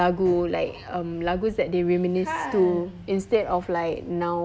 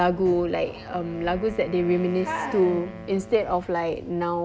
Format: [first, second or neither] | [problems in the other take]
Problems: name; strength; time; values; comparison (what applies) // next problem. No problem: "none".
first | background sound (Wind instrument, woodwind instrument); 17 dB below the speech